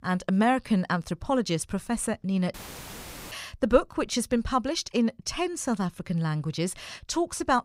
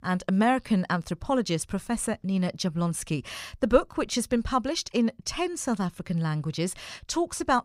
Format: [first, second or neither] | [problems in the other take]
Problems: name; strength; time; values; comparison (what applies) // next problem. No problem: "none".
second | audio cutting out; filled with static; at 2.5 s for 1 s